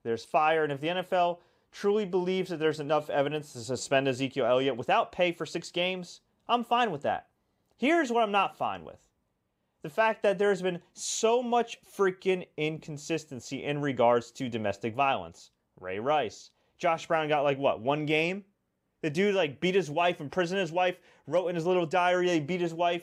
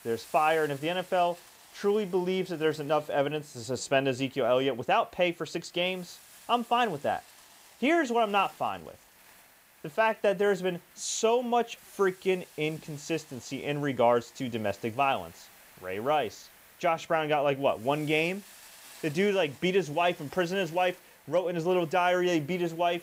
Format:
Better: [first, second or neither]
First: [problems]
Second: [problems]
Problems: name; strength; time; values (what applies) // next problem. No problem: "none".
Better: first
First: none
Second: hiss; faint; throughout; 25 dB below the speech